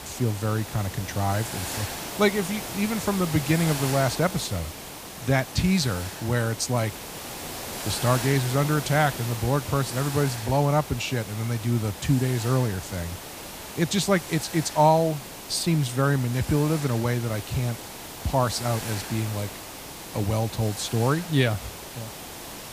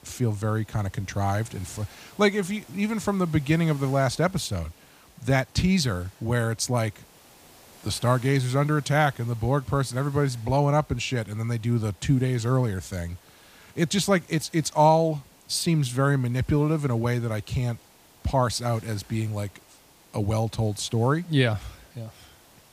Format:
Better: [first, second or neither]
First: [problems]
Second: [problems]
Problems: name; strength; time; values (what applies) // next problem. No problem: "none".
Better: second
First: hiss; loud; throughout; 9 dB below the speech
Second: hiss; faint; throughout; 25 dB below the speech